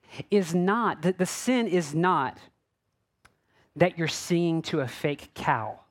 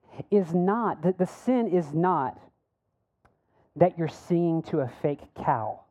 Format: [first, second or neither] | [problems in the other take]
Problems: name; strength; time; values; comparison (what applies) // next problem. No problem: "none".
first | muffled; very; fading above 1.5 kHz